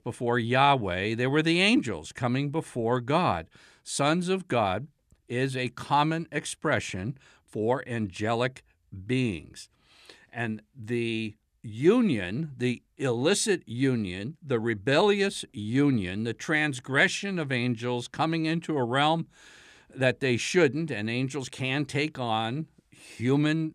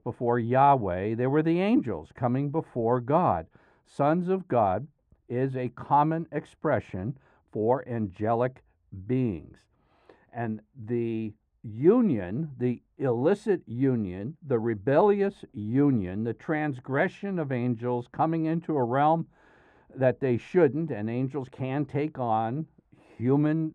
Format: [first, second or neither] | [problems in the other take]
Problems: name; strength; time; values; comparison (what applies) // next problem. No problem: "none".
first | muffled; very; fading above 2.5 kHz